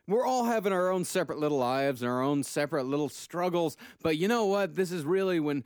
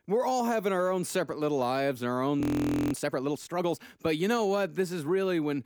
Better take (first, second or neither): first